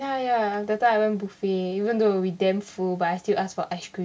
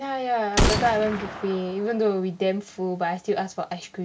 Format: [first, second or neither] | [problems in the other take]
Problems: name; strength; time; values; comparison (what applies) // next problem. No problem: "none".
first | background sound (Gunshot, gunfire); 2 dB below the speech